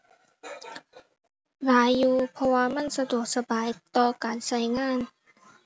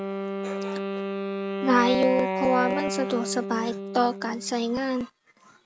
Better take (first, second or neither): first